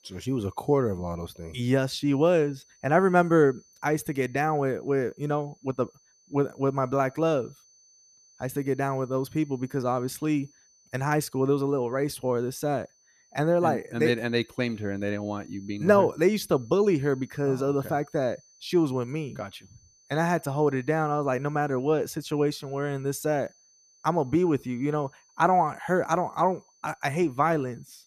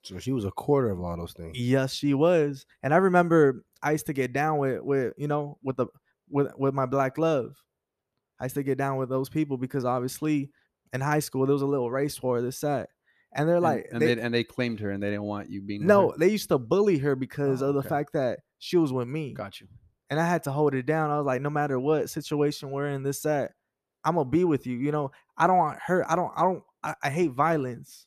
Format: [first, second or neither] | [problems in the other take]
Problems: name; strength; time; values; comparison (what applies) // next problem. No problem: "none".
second | high-pitched whine; faint; throughout; 6 kHz, 30 dB below the speech